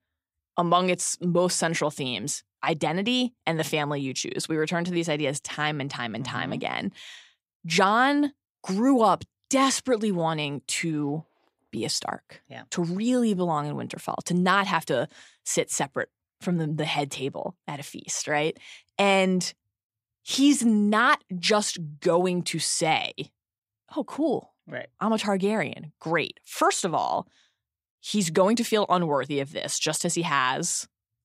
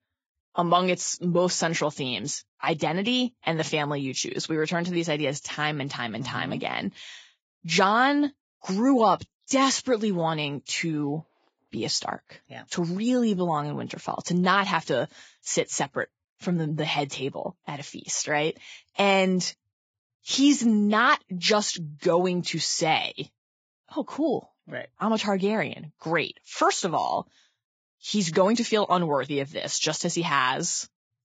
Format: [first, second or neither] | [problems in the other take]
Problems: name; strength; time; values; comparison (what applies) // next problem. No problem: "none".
first | garbled, watery; badly; nothing above 7.5 kHz